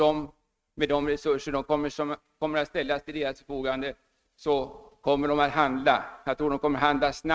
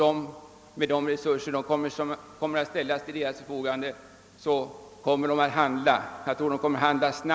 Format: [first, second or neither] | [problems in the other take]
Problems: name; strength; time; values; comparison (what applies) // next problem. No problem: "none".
second | noise reduction (neural mask model RNNoise)